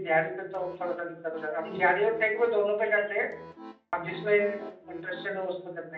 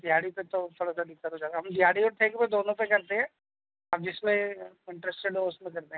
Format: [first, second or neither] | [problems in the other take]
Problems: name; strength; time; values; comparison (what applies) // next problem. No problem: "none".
second | background sound (Accordion); 17 dB below the speech // room echo; dies away in 0.6 s